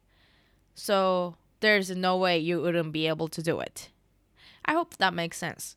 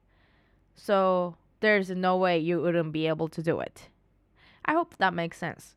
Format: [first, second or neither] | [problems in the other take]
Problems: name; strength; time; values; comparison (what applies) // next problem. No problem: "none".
first | muffled; slightly; fading above 3 kHz